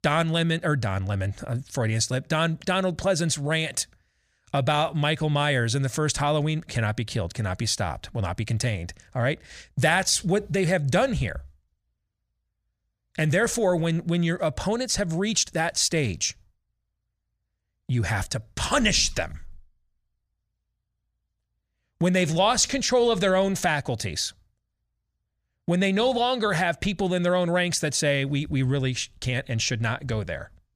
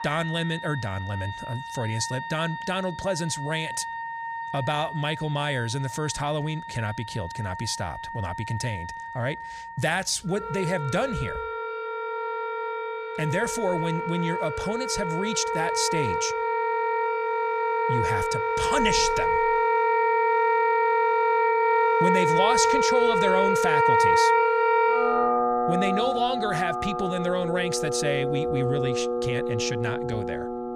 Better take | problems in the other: first | background music; very loud; throughout; 3 dB above the speech

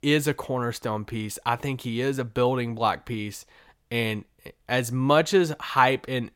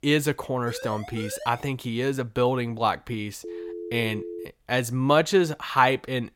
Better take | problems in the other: first | siren; faint; at 0.5 s; peak 10 dB below the speech // phone ringing; faint; from 3.5 to 4.5 s; peak 10 dB below the speech

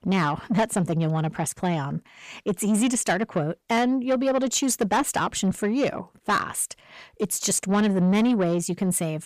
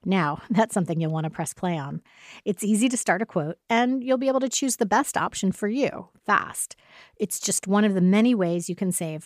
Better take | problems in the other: second | distortion; slight; 10 dB below the speech

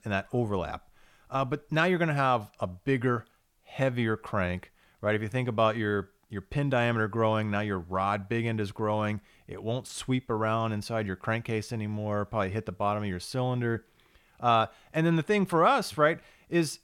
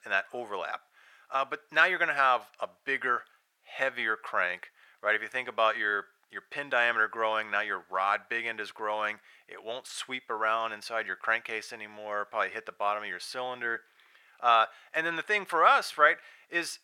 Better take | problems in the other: first | thin; very; fading below 600 Hz

